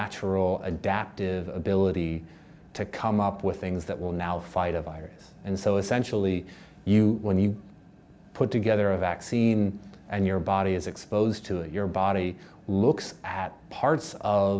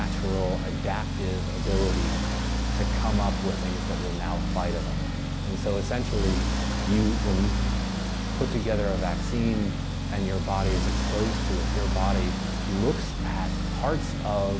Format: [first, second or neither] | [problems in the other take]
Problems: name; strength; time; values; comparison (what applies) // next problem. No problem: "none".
first | background sound (Accelerating, revving, vroom); 4 dB above the speech